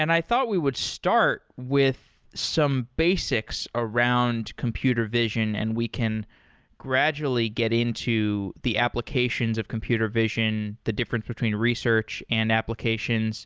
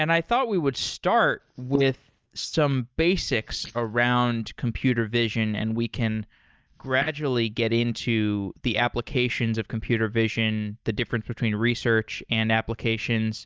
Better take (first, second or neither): first